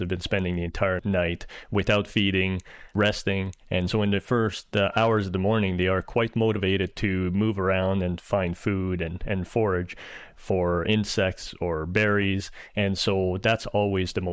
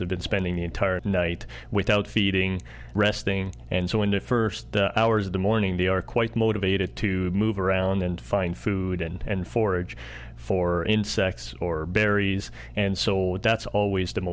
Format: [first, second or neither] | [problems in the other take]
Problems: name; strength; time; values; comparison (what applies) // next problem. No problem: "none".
second | noise reduction (neural mask model Resemble Enhance denoiser)